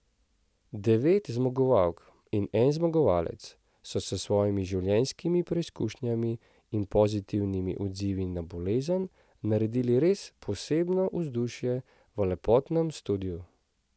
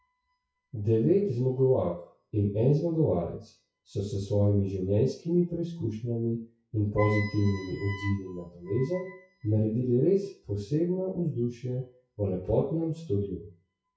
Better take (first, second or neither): first